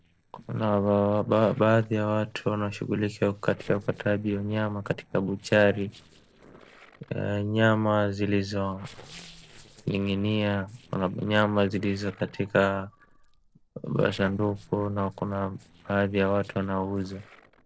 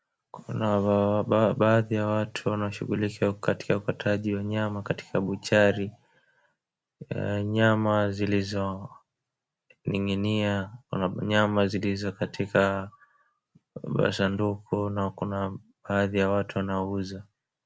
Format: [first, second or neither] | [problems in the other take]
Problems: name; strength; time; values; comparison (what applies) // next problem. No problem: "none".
second | noise reduction (neural separator model SepFormer DNS4)